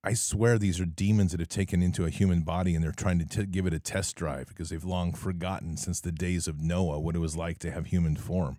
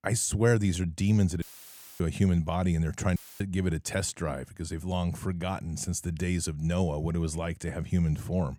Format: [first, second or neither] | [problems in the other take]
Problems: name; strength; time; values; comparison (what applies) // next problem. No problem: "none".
first | audio cutting out; filled with static; at 1.5 s for 0.5 s and at 3 s